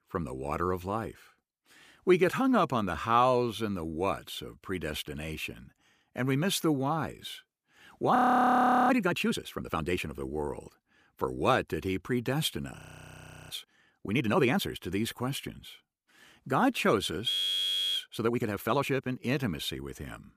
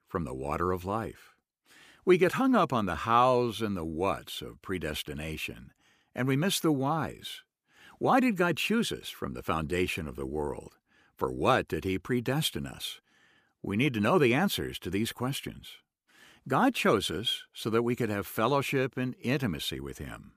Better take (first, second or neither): second